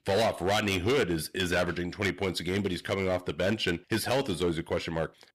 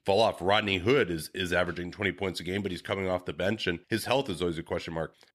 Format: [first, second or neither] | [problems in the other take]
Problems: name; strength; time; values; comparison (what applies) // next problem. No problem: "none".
second | distortion; heavy; 10% of the sound clipped